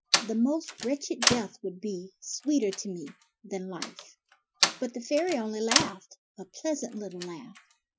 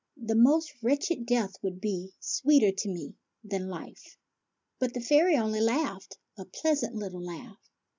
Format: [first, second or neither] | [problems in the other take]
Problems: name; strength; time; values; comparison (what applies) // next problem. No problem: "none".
second | noise reduction (classical method Wiener filter)